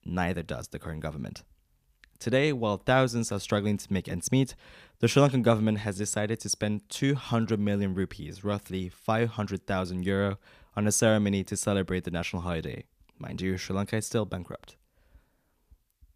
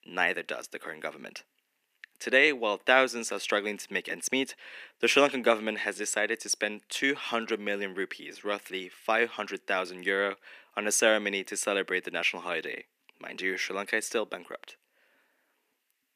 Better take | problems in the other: first | thin; somewhat; fading below 300 Hz

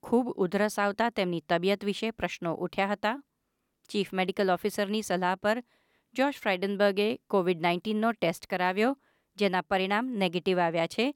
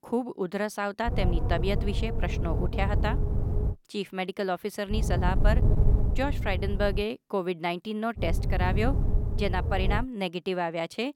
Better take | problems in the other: first | wind noise on the microphone; heavy; from 1 to 3.5 s, from 5 to 7 s and from 8 to 10 s; 9 dB below the speech

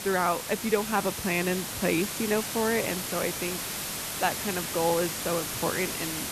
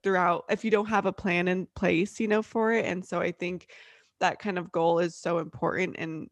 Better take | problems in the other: second | hiss; loud; throughout; 3 dB below the speech

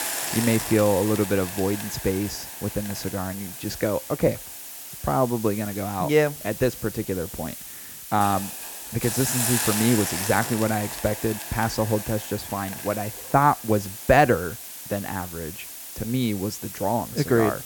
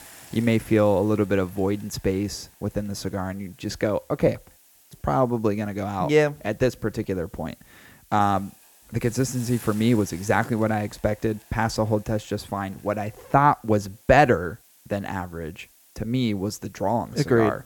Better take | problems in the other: second | hiss; loud; throughout; 6 dB below the speech; faint in the second

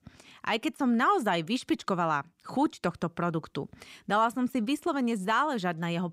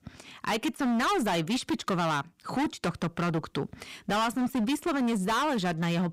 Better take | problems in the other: first | distortion; heavy; 23% of the sound clipped

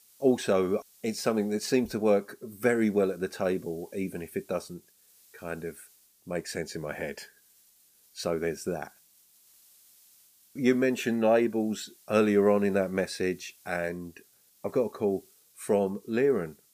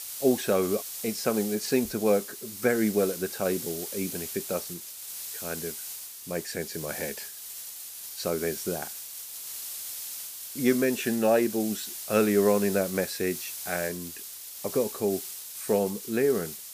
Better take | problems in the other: first | hiss; loud; throughout; 7 dB below the speech; faint in the first

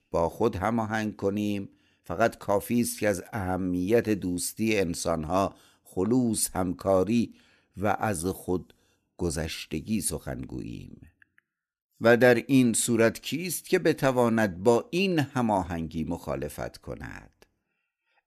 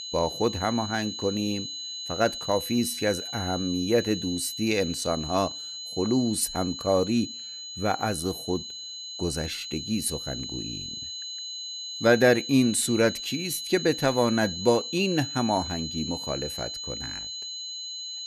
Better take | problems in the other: first | high-pitched whine; loud; throughout; 4 kHz, 7 dB below the speech

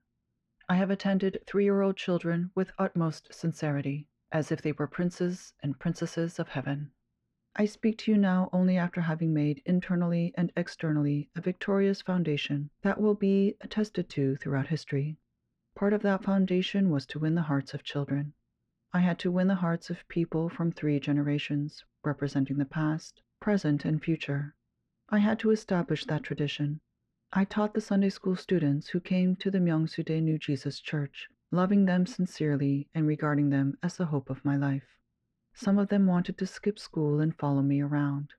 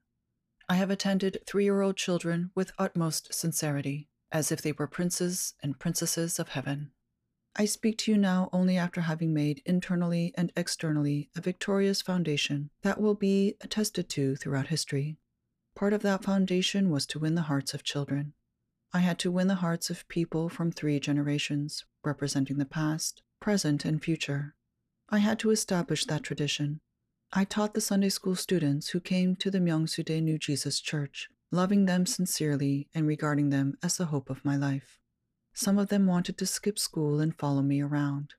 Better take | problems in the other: second | muffled; slightly; fading above 2.5 kHz

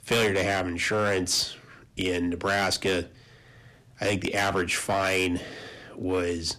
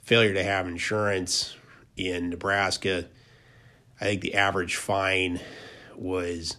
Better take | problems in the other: second | distortion; heavy; 7% of the sound clipped

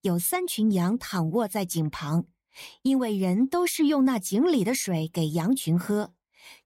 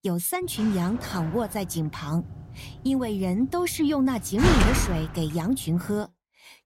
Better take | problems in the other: first | door banging; loud; from 1 to 5 s; peak 5 dB above the speech

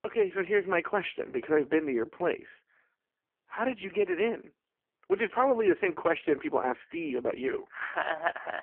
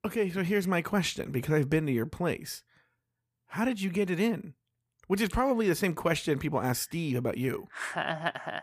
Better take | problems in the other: second | phone-call audio; poor line

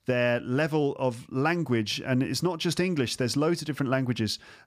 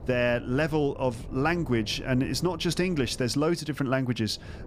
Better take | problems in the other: first | wind noise on the microphone; occasional gusts; 20 dB below the speech

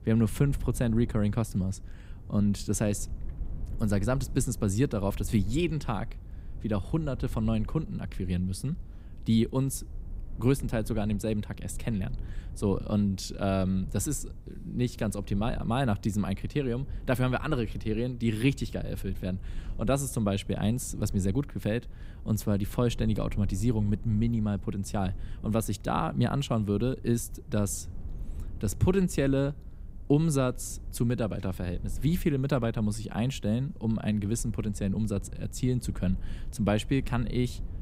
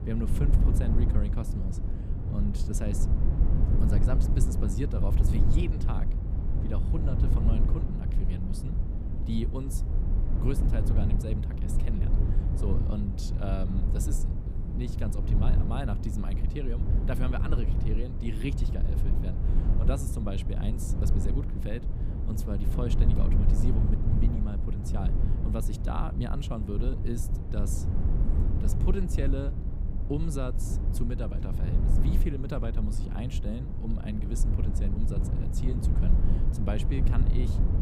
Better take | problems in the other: first | low rumble; loud; throughout; 2 dB below the speech; faint in the first

